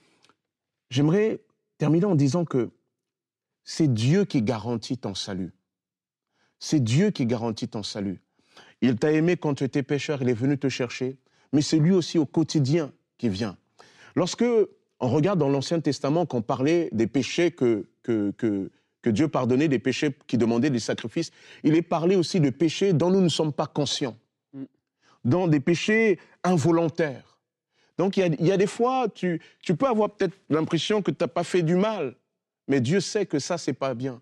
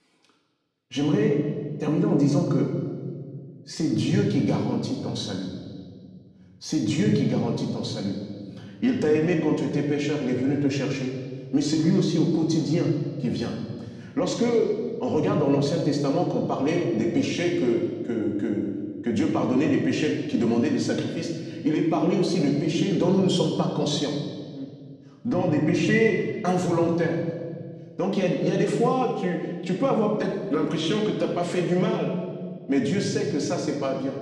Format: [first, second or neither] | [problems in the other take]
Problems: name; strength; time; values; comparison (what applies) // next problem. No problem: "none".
first | room echo; noticeable; dies away in 1.6 s // off-mic speech; far